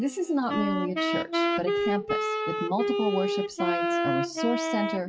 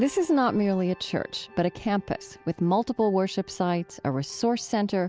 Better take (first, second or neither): second